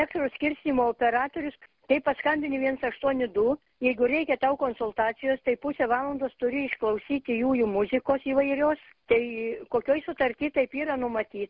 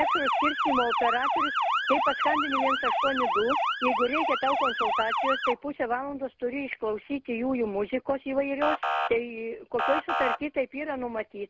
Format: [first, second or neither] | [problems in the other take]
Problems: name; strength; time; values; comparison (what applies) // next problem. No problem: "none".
first | background sound (Motor vehicle (road) / Siren); as loud as the speech